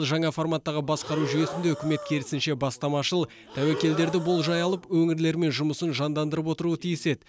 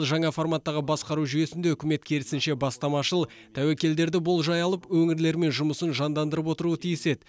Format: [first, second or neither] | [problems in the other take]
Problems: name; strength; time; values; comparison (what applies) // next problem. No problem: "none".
second | background sound (Breathing); 9 dB below the speech